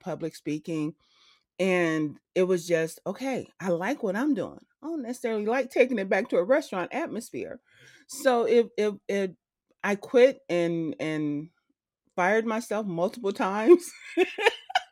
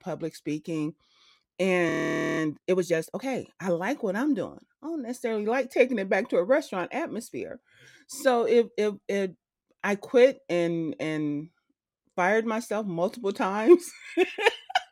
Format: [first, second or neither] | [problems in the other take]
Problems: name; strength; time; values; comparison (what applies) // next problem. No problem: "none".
first | audio freezing; at 2 s